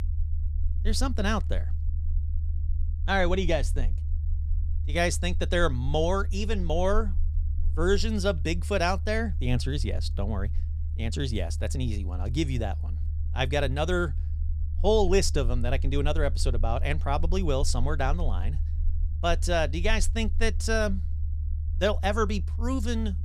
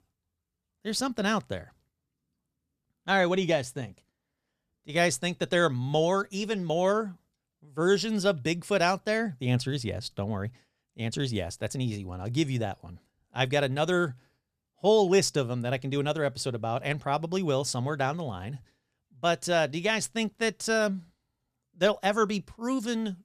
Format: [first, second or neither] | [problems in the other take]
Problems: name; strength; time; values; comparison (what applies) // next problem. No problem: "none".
second | low rumble; faint; throughout; 20 dB below the speech